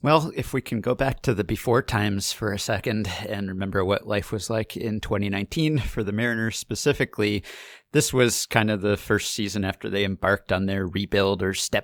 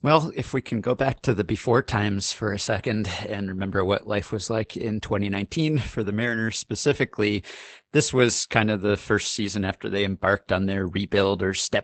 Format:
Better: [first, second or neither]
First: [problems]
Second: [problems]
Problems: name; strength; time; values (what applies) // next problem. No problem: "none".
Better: first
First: none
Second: garbled, watery; badly; nothing above 8 kHz